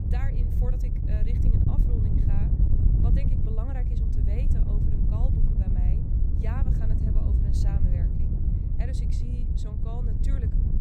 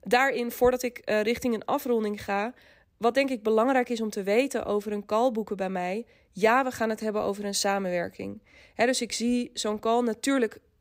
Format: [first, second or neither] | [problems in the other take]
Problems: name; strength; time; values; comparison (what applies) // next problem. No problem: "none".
second | wind noise on the microphone; heavy; 5 dB above the speech